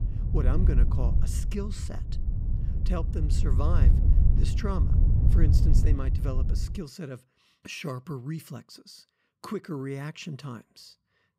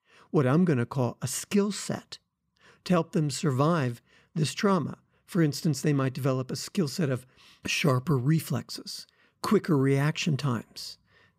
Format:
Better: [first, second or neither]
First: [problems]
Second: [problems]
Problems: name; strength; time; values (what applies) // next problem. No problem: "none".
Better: second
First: wind noise on the microphone; heavy; until 7 s; 3 dB below the speech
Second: none